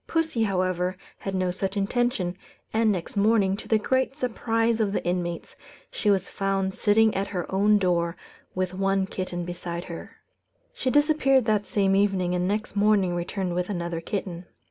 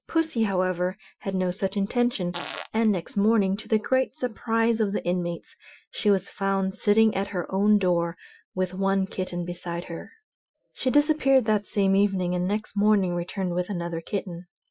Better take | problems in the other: first | noise reduction (classical method Wiener filter)

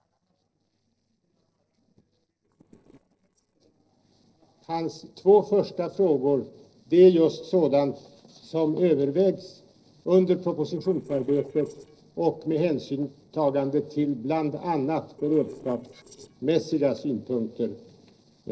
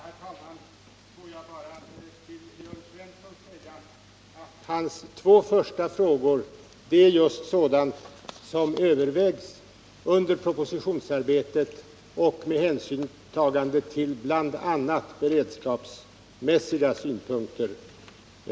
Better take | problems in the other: second | noise reduction (neural separator model SepFormer DNS4)

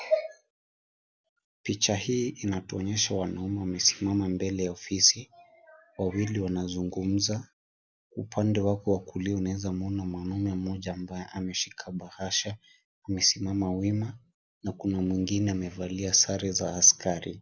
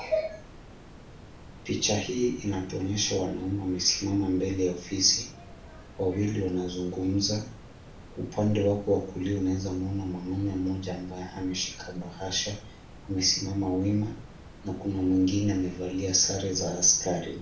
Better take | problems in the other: first | background sound (Water); 18 dB below the speech // room echo; dies away in 0.4 s

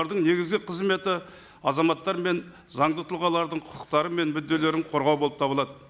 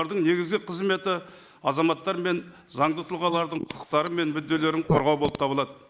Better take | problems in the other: first | noise reduction (neural mask model Resemble Enhance denoiser)

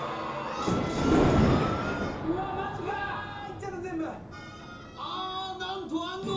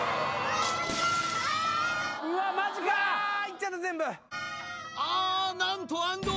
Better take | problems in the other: second | background sound (Thunder); 4 dB above the speech // room echo; dies away in 0.7 s

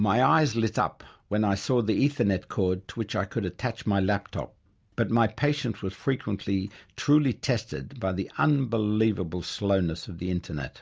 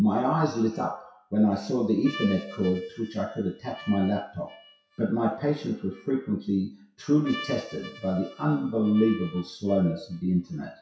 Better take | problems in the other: first | noise reduction (classical method WPE with log-MMSE)

